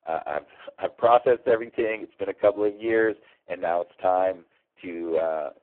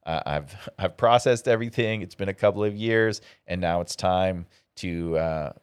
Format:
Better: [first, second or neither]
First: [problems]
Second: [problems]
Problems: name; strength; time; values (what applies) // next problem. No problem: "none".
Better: second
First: phone-call audio; poor line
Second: none